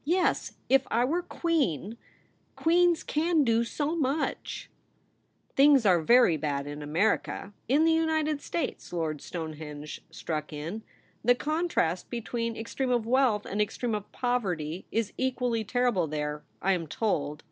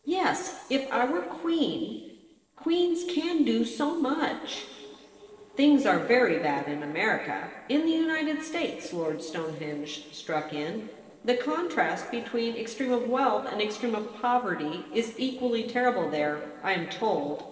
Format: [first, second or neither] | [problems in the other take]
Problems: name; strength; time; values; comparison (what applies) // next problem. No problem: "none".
first | noise reduction (neural separator model SepFormer DNS4)